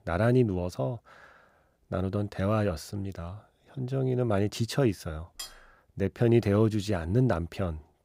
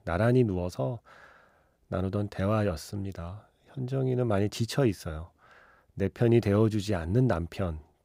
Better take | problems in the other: second | clattering dishes; faint; at 5.5 s; peak 15 dB below the speech

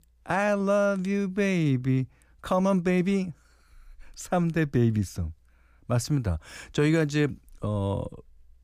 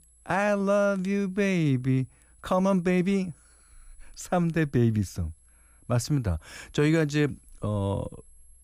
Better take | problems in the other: first | high-pitched whine; faint; throughout; 10.5 kHz, 35 dB below the speech

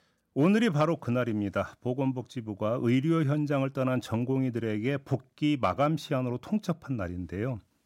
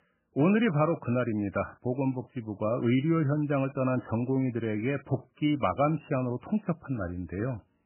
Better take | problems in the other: first | garbled, watery; badly; nothing above 3 kHz

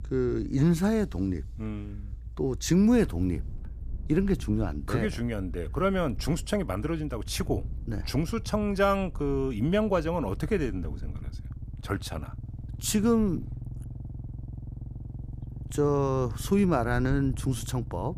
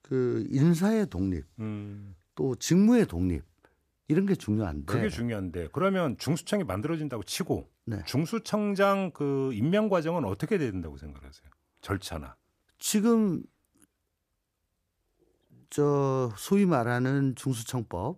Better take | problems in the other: second | low rumble; faint; throughout; 25 dB below the speech

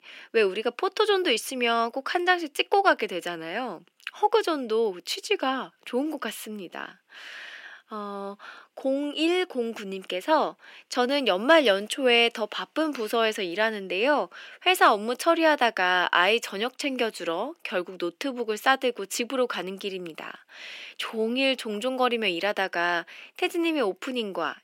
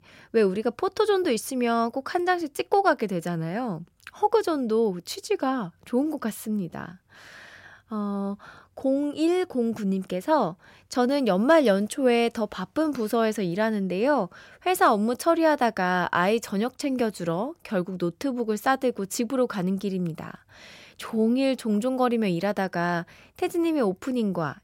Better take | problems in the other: second | thin; somewhat; fading below 250 Hz

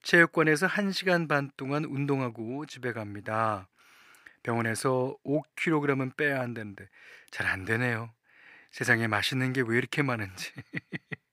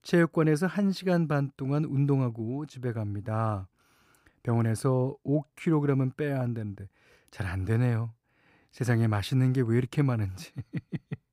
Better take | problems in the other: second | thin; somewhat; fading below 900 Hz

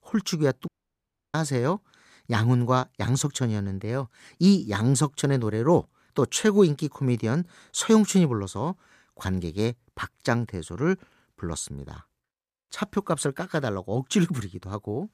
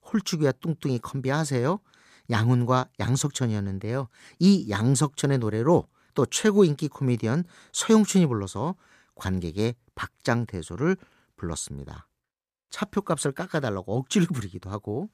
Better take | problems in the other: second | audio cutting out; at 0.5 s for 0.5 s

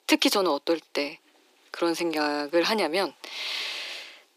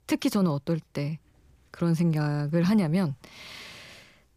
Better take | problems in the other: second | thin; very; fading below 300 Hz

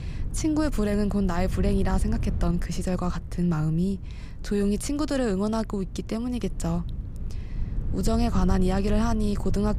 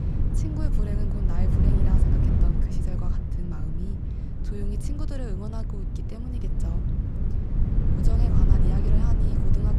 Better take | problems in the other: first | wind noise on the microphone; heavy; 4 dB above the speech; occasional gusts in the first

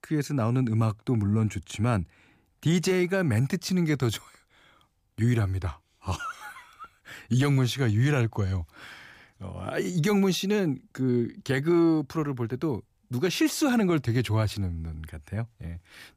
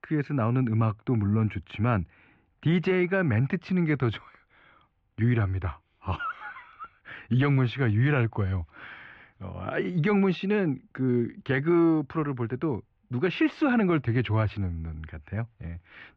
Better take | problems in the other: first | muffled; very; fading above 3 kHz

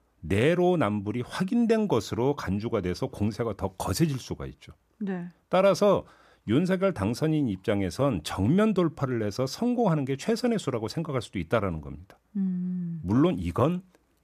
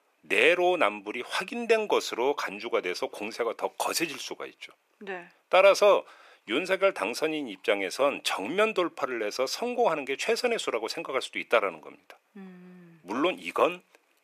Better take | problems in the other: first | thin; very; fading below 450 Hz

